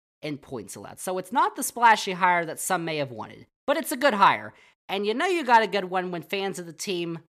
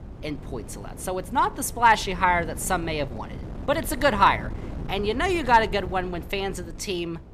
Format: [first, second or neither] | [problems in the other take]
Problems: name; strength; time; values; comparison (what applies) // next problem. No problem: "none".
first | wind noise on the microphone; occasional gusts; 20 dB below the speech